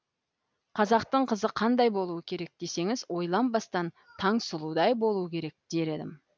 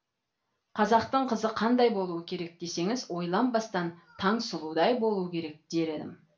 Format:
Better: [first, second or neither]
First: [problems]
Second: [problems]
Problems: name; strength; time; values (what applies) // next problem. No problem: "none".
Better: first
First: none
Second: room echo; dies away in 0.3 s